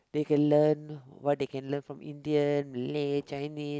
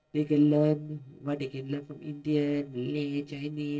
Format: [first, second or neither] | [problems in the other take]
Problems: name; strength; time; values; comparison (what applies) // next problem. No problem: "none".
first | noise reduction (neural separator model SepFormer DNS4)